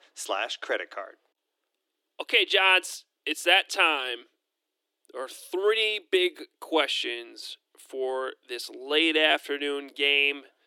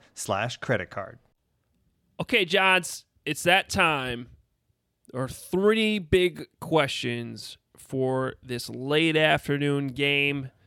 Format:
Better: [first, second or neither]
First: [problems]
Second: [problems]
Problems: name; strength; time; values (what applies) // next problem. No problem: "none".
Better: second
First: thin; somewhat; fading below 300 Hz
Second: none